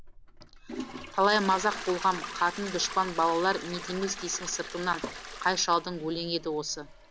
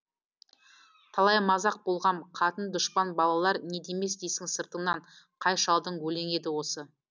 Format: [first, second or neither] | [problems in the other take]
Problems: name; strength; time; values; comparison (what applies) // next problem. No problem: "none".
second | background sound (Toilet flush); 11 dB below the speech